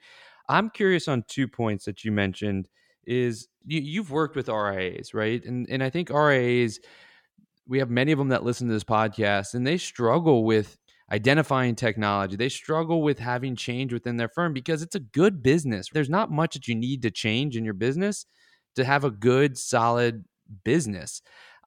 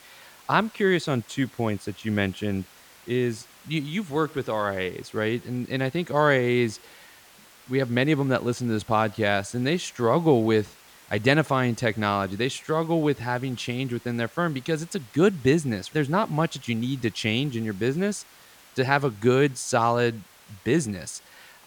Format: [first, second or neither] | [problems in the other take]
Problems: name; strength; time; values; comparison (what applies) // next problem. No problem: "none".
first | hiss; faint; throughout; 25 dB below the speech